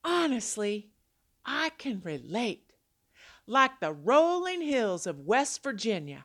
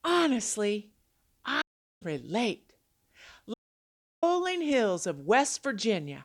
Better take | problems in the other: first | audio cutting out; at 1.5 s and at 3.5 s for 0.5 s

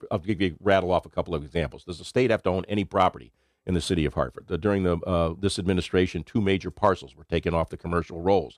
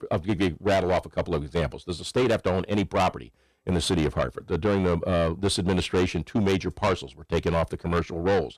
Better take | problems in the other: first | distortion; heavy; 7 dB below the speech

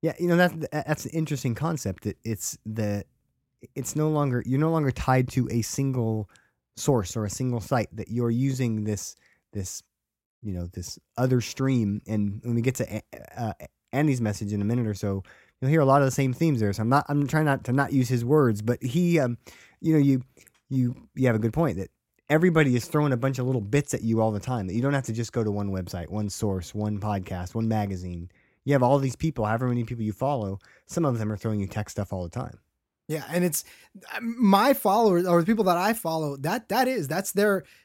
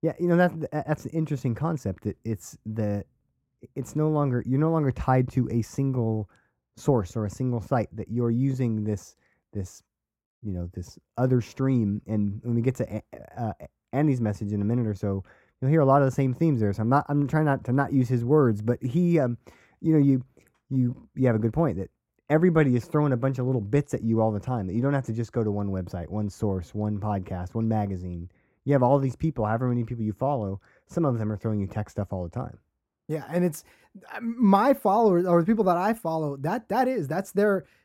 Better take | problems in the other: first | muffled; slightly; fading above 2 kHz

